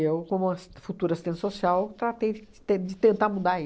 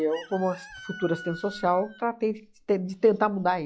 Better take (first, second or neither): first